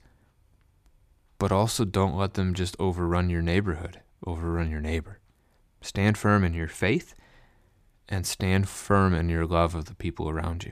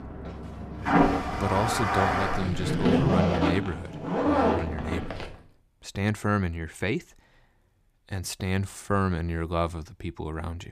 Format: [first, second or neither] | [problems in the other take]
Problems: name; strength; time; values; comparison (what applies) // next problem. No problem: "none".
first | household noises; very loud; until 5.5 s; 4 dB above the speech